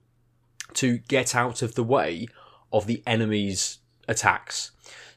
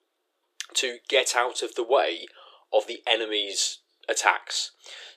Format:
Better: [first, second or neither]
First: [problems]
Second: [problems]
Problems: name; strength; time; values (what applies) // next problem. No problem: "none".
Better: first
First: none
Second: thin; very; fading below 350 Hz